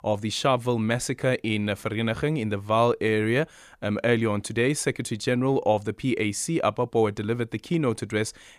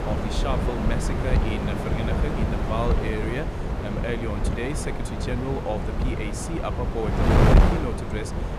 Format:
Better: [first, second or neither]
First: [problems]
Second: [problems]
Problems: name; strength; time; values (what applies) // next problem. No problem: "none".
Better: first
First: none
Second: wind noise on the microphone; heavy; 2 dB above the speech